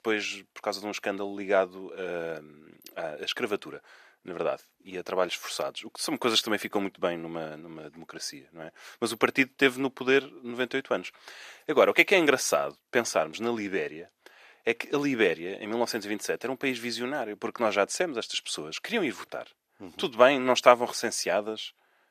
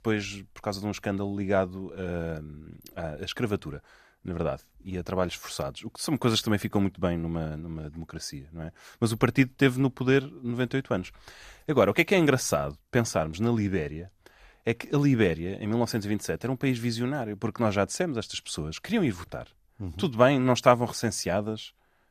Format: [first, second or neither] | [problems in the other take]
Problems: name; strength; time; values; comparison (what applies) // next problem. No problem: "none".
second | thin; somewhat; fading below 400 Hz